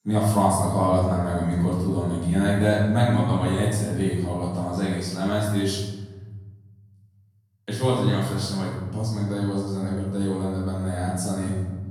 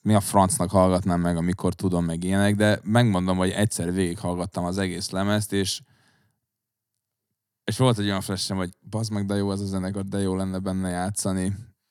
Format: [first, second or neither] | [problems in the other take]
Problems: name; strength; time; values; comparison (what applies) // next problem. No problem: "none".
second | room echo; noticeable; dies away in 1.5 s // off-mic speech; far